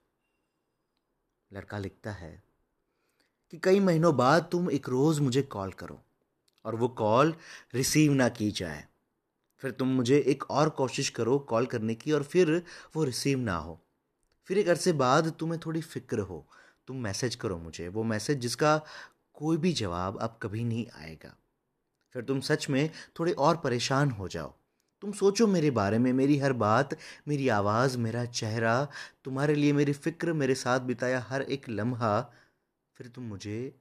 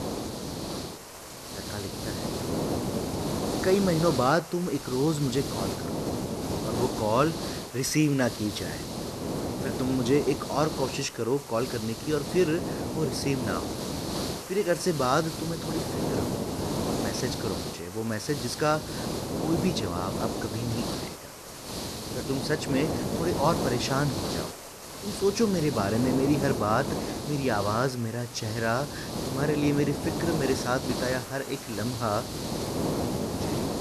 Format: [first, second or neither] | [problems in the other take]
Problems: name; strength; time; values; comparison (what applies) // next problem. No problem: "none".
first | hiss; loud; throughout; 4 dB below the speech